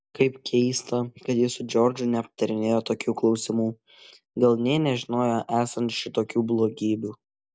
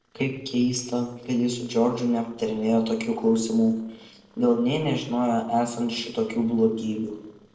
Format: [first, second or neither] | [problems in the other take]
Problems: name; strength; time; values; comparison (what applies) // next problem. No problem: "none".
first | noise reduction (neural separator model SepFormer DNS4)